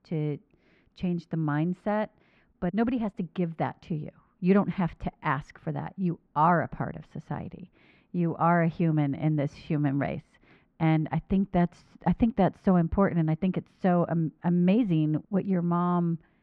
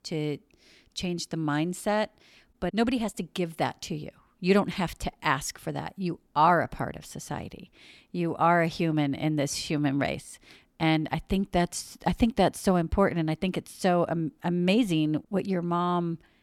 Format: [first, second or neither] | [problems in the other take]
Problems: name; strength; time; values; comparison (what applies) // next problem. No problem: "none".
second | muffled; very; fading above 1.5 kHz